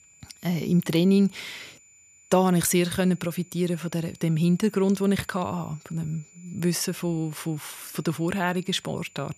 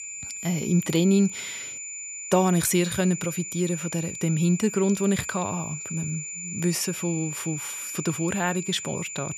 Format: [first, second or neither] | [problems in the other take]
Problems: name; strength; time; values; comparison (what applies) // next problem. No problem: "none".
first | high-pitched whine; loud; throughout; 7 kHz, 7 dB below the speech; faint in the first